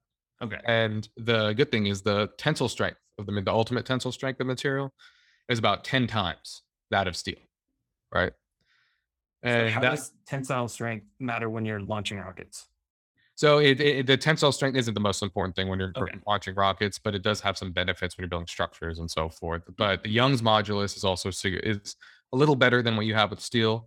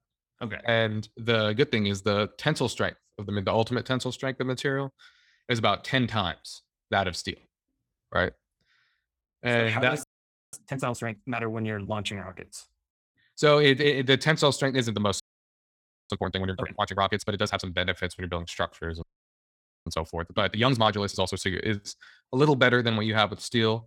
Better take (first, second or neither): first